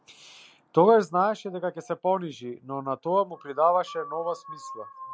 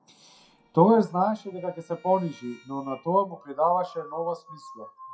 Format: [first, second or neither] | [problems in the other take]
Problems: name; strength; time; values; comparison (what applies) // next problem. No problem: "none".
first | noise reduction (classical method WPE with log-MMSE)